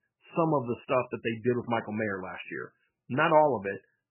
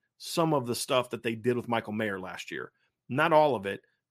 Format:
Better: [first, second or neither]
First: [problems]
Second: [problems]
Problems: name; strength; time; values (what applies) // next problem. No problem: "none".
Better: second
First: garbled, watery; badly; nothing above 3 kHz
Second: none